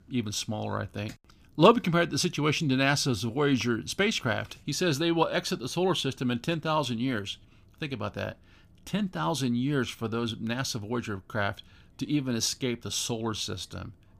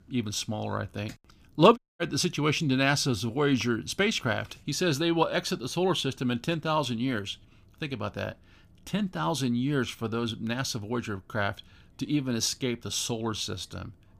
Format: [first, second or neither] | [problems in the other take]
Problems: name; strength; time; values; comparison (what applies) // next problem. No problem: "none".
first | audio cutting out; at 2 s